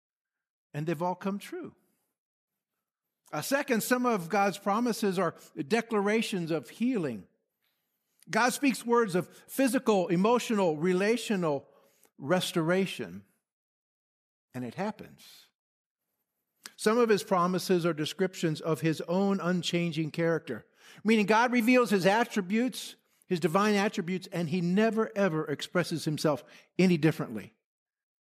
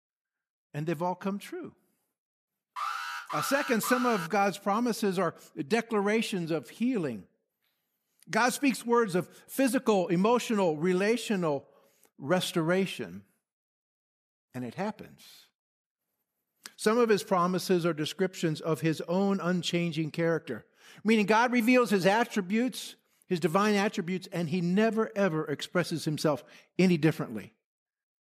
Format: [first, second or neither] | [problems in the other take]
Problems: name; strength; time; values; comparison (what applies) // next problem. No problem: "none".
first | alarm; noticeable; from 3 to 4.5 s; peak 5 dB below the speech